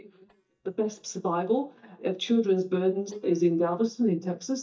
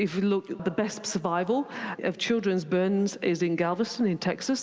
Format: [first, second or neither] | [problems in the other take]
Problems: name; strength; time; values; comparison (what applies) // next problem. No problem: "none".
second | noise reduction (neural mask model DeepFilterNet 3)